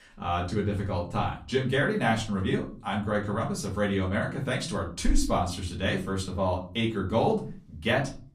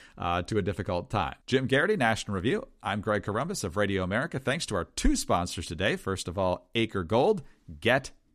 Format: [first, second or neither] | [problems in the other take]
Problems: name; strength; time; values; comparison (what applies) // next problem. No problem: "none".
second | off-mic speech; far // room echo; slight; dies away in 0.4 s